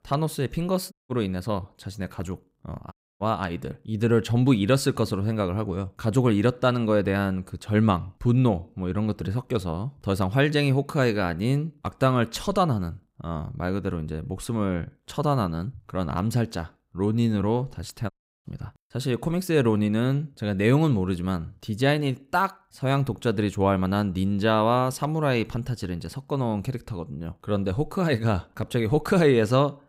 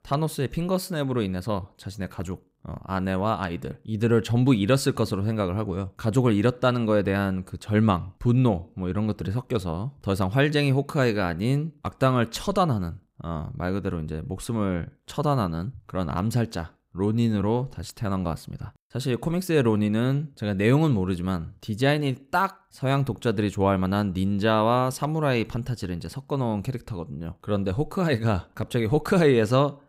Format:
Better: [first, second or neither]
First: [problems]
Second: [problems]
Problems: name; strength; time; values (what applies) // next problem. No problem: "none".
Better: second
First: audio cutting out; at 1 s, at 3 s and at 18 s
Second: none